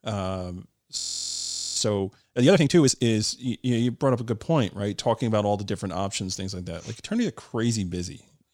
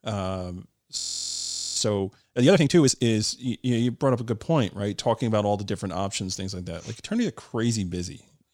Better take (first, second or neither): neither